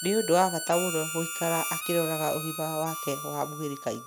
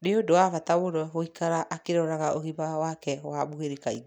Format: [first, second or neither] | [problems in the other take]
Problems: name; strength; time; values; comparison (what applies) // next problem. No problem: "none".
second | background sound (Harmonica); 6 dB below the speech